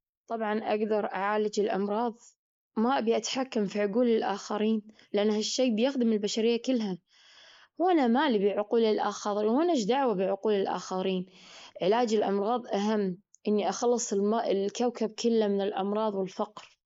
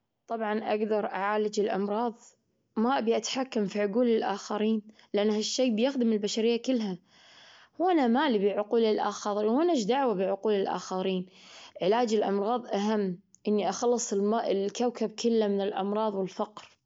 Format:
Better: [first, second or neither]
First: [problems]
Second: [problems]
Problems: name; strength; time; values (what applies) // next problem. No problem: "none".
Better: second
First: noise reduction (neural mask model Resemble Enhance denoiser)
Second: none